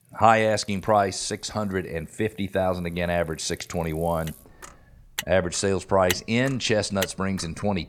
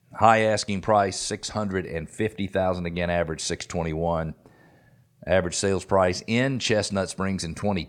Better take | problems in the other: second | traffic noise; noticeable; throughout; 10 dB below the speech

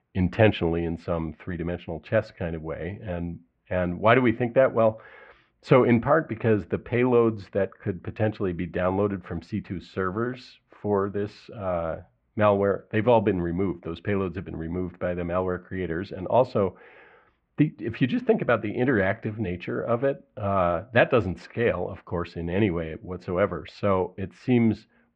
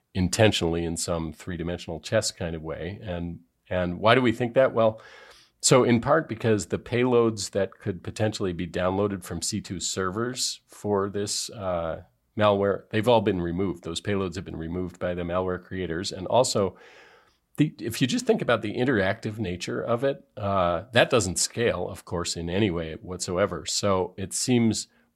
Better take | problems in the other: second | muffled; very; fading above 2.5 kHz

